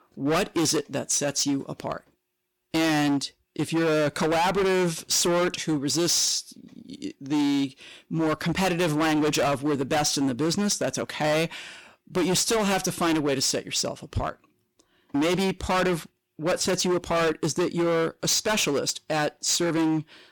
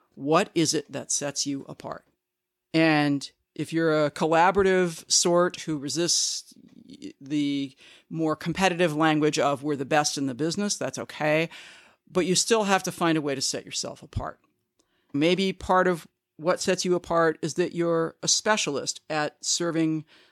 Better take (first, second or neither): second